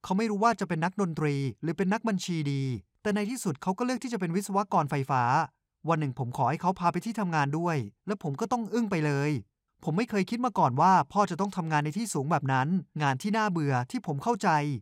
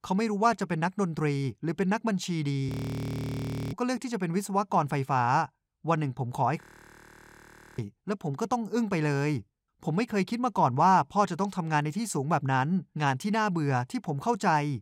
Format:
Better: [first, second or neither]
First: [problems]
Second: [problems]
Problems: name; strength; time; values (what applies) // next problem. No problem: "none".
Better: first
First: none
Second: audio freezing; at 2.5 s for 1 s and at 6.5 s for 1 s